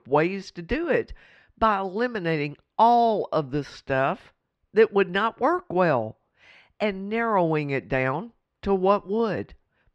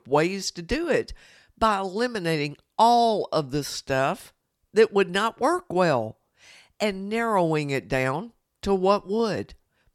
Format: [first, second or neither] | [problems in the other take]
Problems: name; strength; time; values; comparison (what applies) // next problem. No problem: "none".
second | muffled; slightly; fading above 2.5 kHz